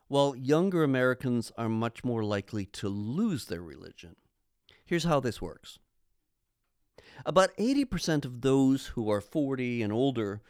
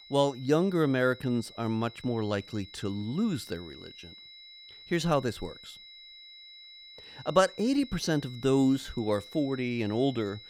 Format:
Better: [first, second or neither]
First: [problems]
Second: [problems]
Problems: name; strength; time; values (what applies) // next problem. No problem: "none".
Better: first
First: none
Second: high-pitched whine; noticeable; throughout; 4 kHz, 20 dB below the speech